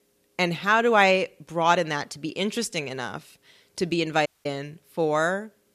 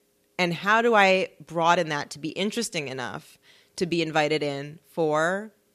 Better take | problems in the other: second | audio cutting out; at 4.5 s

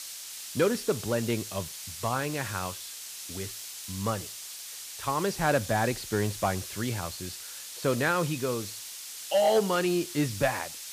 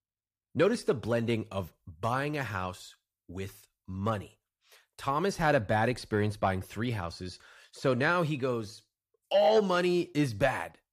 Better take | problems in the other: second | hiss; loud; throughout; 9 dB below the speech

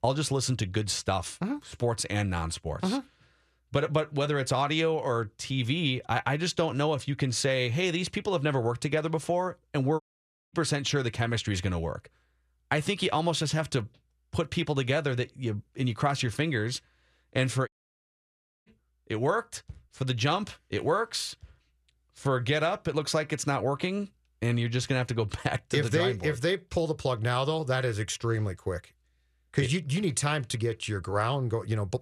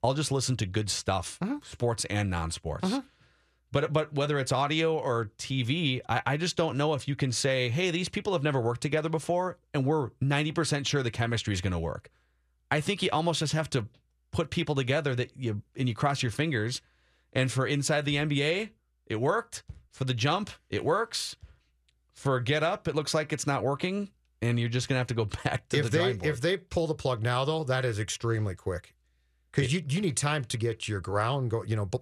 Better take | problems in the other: second | audio cutting out; at 10 s for 0.5 s and at 18 s for 1 s

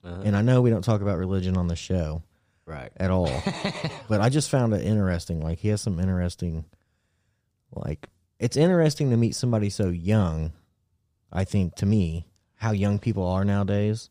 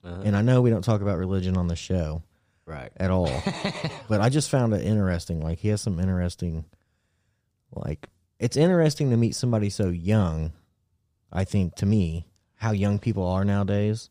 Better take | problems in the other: neither | none

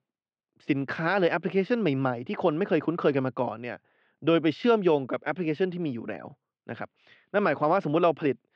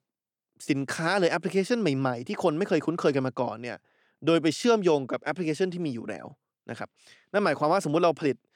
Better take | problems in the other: second | muffled; slightly; fading above 3.5 kHz

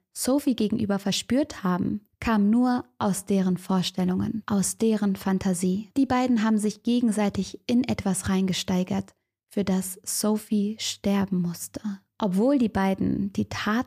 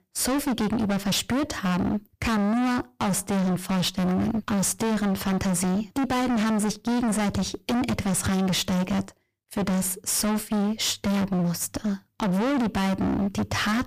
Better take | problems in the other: first | distortion; heavy; 41% of the sound clipped

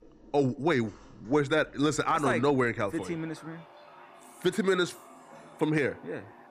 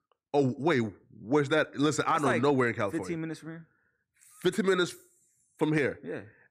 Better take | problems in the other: second | household noises; faint; throughout; 25 dB below the speech

